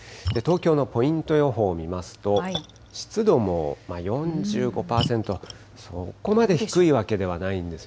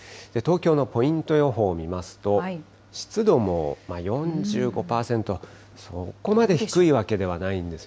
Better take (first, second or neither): second